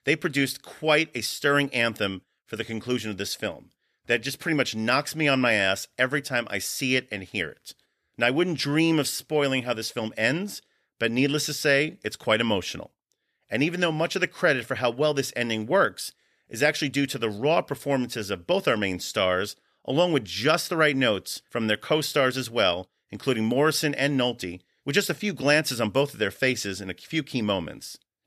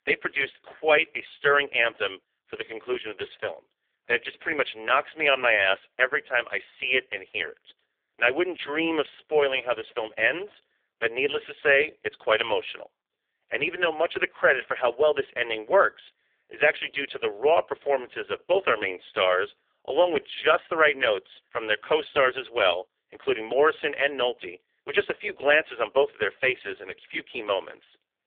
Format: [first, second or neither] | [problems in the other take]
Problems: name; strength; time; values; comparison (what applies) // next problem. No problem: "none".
first | phone-call audio; poor line; nothing above 3 kHz